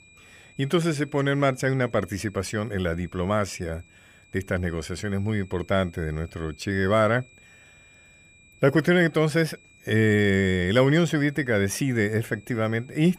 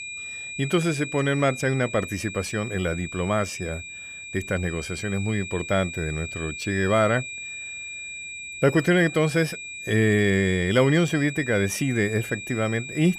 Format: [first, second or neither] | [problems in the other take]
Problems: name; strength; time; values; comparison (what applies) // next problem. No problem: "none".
first | high-pitched whine; loud; throughout; 2.5 kHz, 10 dB below the speech; faint in the first